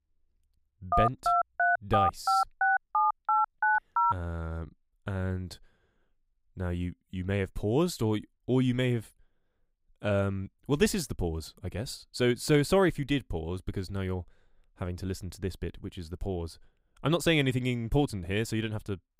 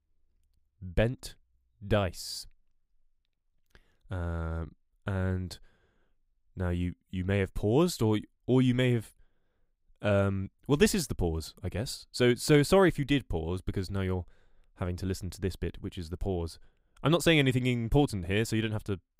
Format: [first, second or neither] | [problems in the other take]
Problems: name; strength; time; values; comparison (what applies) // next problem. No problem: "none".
second | phone ringing; loud; from 1 to 4 s; peak 5 dB above the speech